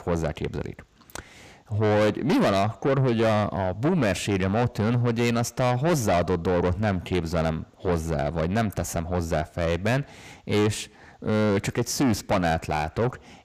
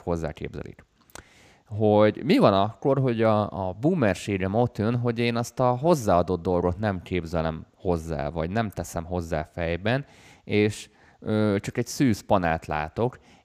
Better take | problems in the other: second | distortion; heavy; 6 dB below the speech

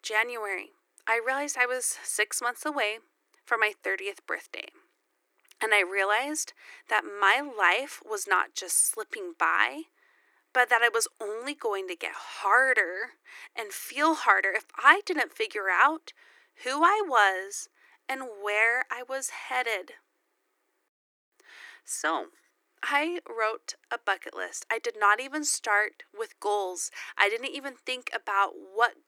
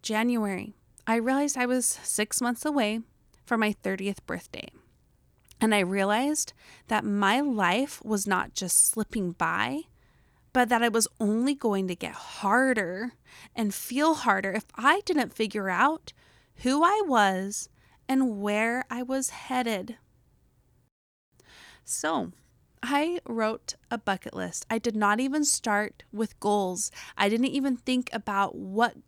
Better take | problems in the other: second | thin; very; fading below 300 Hz

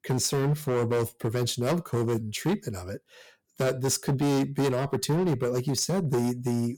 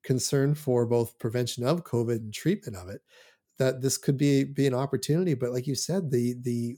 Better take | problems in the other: second | distortion; heavy; 15% of the sound clipped

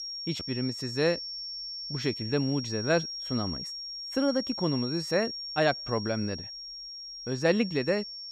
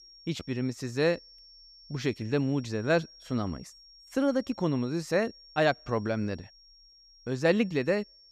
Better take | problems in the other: second | high-pitched whine; loud; throughout; 5.5 kHz, 6 dB below the speech; faint in the second

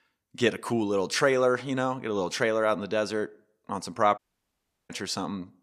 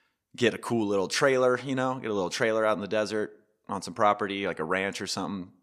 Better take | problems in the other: second | audio cutting out; at 4 s for 0.5 s

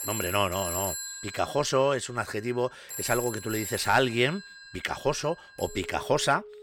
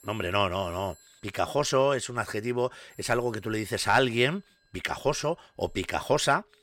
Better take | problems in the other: second | alarms or sirens; loud; throughout; 8 dB below the speech; faint in the second

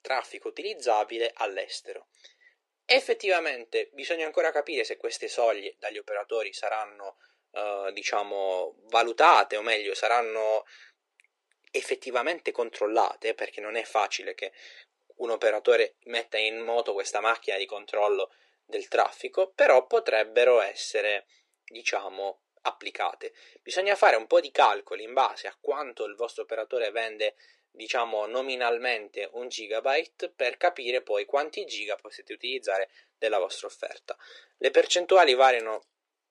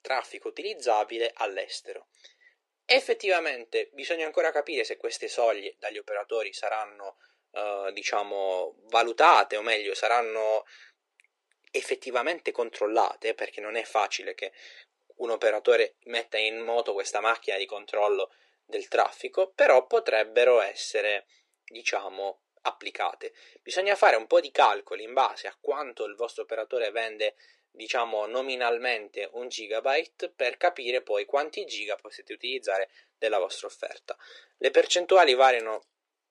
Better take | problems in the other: neither | thin; very; fading below 400 Hz; the same in both

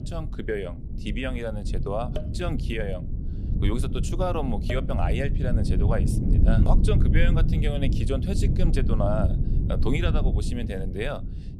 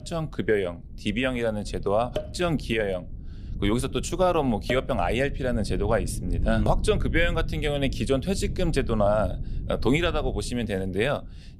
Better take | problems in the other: second | low rumble; loud; throughout; 7 dB below the speech; faint in the second

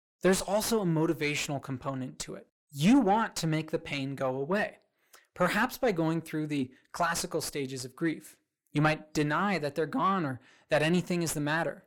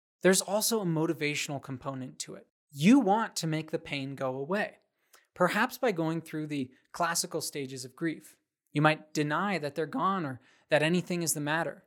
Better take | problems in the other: second | distortion; slight; 9 dB below the speech

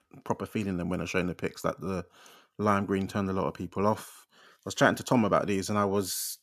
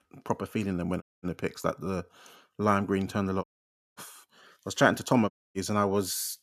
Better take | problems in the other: first | audio cutting out; at 1 s, at 3.5 s for 0.5 s and at 5.5 s

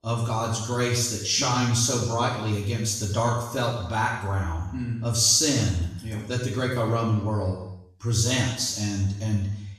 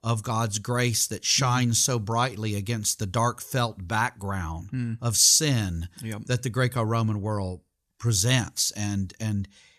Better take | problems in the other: second | room echo; noticeable; dies away in 0.8 s // off-mic speech; far

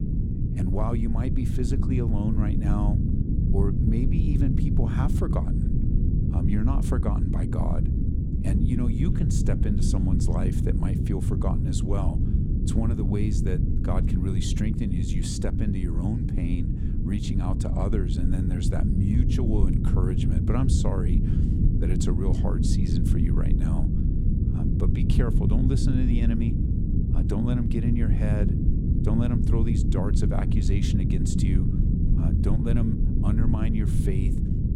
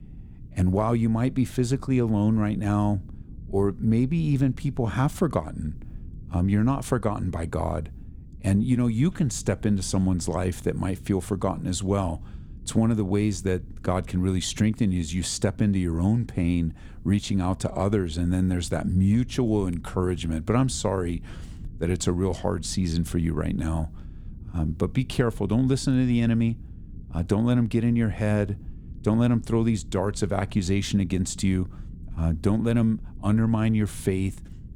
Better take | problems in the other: second | low rumble; loud; throughout; 1 dB below the speech; faint in the second

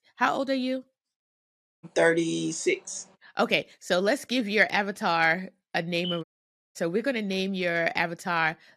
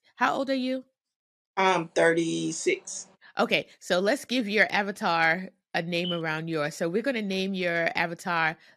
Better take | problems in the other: second | audio cutting out; at 1.5 s and at 6 s for 0.5 s

